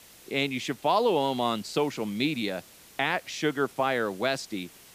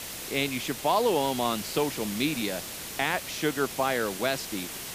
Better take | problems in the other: first | hiss; loud; throughout; 7 dB below the speech; faint in the first

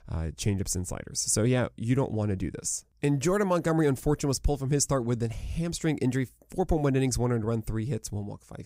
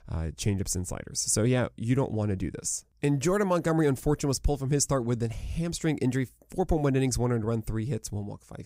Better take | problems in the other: neither | none

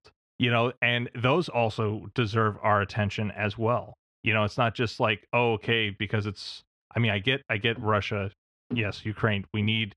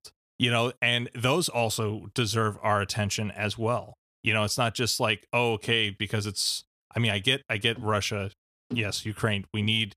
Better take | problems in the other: second | muffled; slightly; fading above 2 kHz

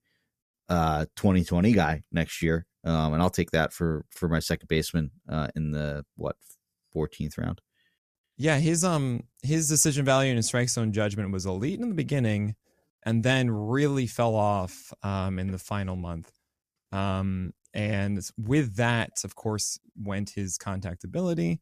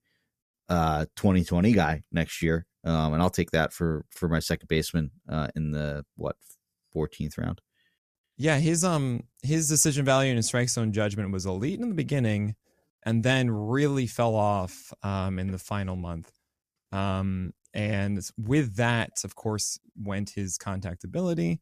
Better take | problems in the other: neither | none

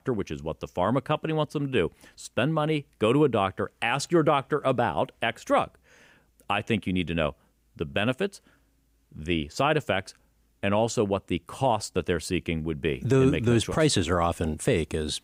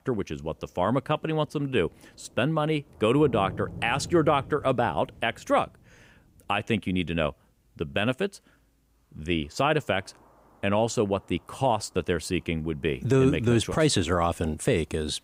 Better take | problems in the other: first | rain or running water; noticeable; throughout; 20 dB below the speech

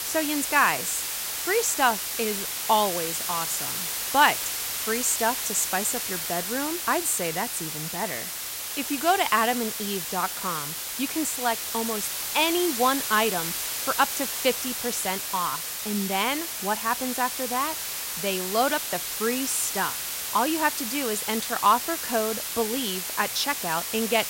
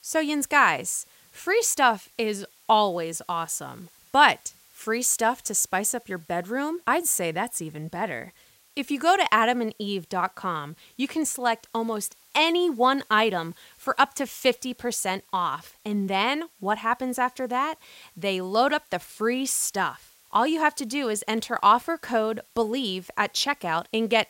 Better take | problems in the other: second | hiss; loud; throughout; 2 dB below the speech; faint in the second

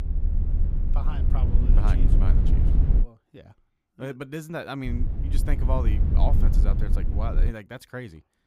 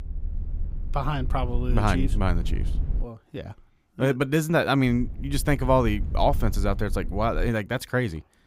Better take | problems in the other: second | low rumble; loud; until 3 s and from 5 to 7.5 s; 4 dB below the speech; faint in the second

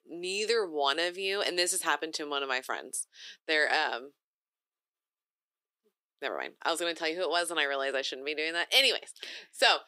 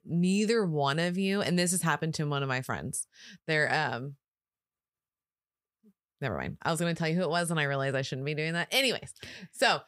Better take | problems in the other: second | thin; very; fading below 300 Hz

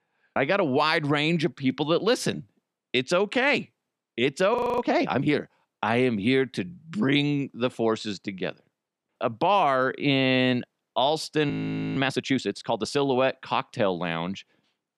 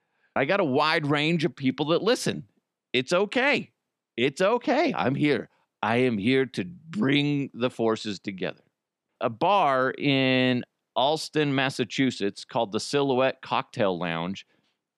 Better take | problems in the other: second | audio freezing; at 4.5 s and at 12 s

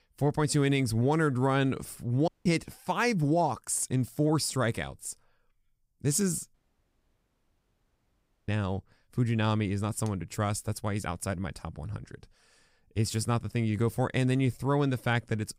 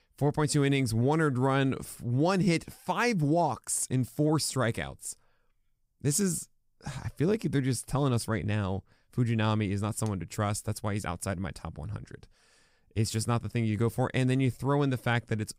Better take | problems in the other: second | audio cutting out; at 2.5 s and at 6.5 s for 2 s

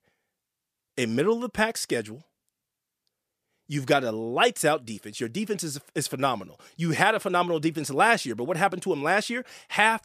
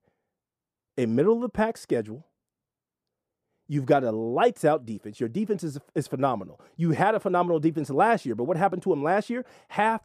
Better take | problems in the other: first | muffled; slightly; fading above 1.5 kHz

